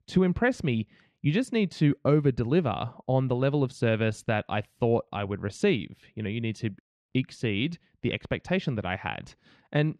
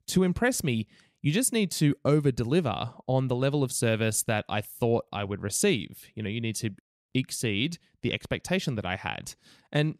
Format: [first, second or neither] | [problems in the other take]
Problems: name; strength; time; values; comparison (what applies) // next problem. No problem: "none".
second | muffled; slightly; fading above 3 kHz